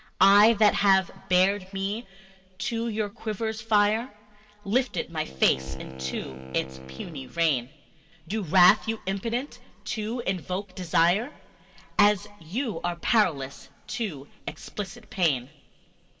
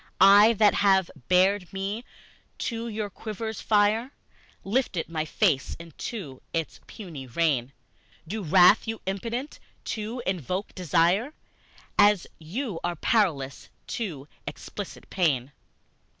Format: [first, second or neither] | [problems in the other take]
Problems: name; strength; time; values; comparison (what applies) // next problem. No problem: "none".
second | background sound (Wind instrument, woodwind instrument); 14 dB below the speech // room echo; dies away in 1.9 s